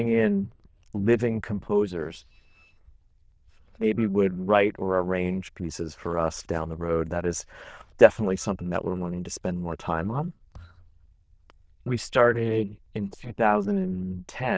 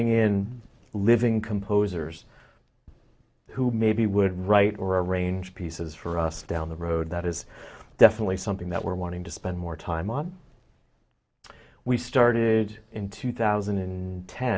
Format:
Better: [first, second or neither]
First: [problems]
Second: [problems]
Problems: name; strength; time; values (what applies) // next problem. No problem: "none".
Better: second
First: noise reduction (neural diffusion model UNIVERSE++)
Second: none